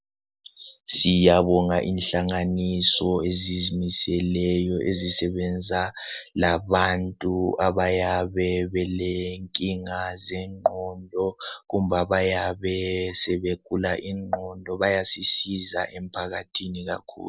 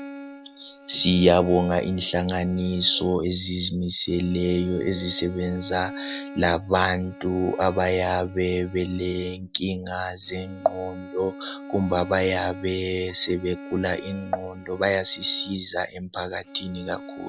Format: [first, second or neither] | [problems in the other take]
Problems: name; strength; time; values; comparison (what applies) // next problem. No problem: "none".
first | background sound (Bowed string instrument); 15 dB below the speech